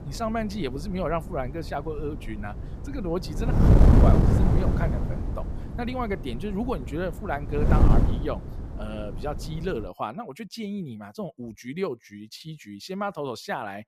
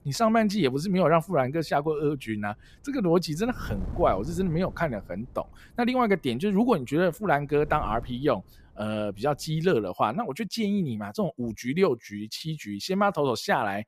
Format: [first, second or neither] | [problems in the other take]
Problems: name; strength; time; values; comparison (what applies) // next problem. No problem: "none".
second | wind noise on the microphone; heavy; until 10 s; 2 dB above the speech; occasional gusts in the second